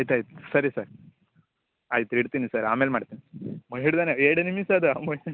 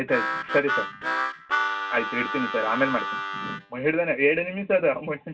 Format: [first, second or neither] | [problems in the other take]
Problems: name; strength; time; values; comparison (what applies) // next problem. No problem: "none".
first | background sound (Harmonica); 2 dB below the speech // room echo; dies away in 0.1 s